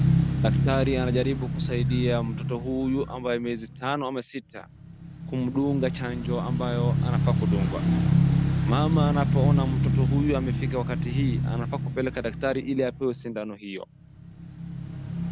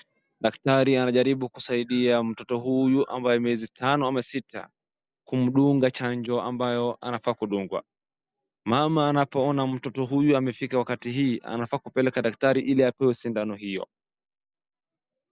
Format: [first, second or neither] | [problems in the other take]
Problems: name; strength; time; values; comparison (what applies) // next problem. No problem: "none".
second | background sound (Motorcycle / Engine); 4 dB above the speech